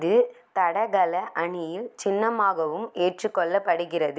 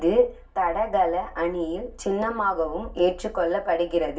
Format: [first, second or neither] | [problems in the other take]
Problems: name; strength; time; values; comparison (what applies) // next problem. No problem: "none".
first | background sound (Engine / Car); 18 dB below the speech // room echo; dies away in 0.2 s